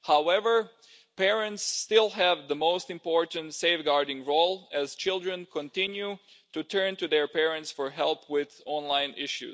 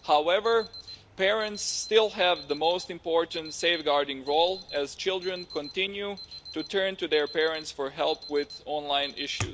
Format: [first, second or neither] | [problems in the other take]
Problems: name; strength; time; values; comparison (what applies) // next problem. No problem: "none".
first | background sound (Alarm); 16 dB below the speech